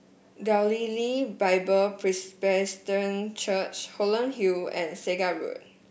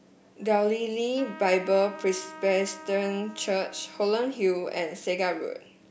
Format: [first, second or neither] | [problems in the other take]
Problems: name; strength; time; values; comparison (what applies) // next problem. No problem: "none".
first | background sound (Trumpet); 19 dB below the speech